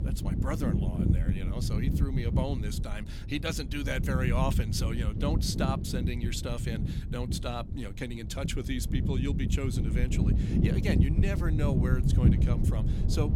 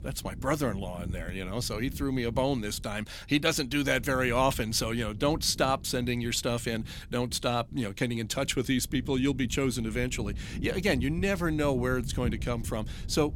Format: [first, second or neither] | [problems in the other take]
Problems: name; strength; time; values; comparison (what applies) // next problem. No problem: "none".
second | wind noise on the microphone; heavy; 3 dB below the speech; occasional gusts in the second